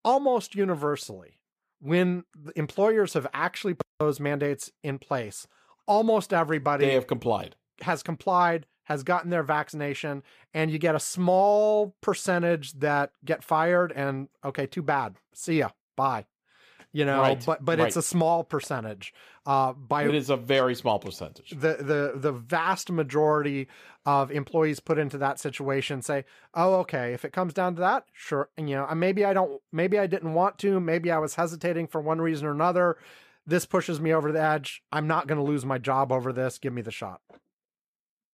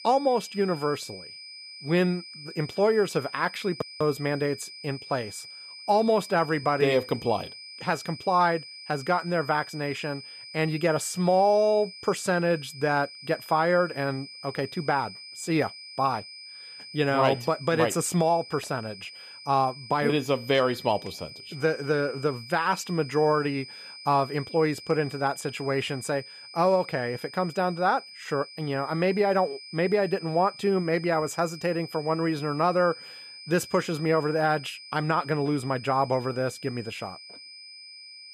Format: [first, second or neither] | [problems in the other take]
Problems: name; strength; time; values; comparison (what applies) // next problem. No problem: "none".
first | high-pitched whine; noticeable; throughout; 5 kHz, 15 dB below the speech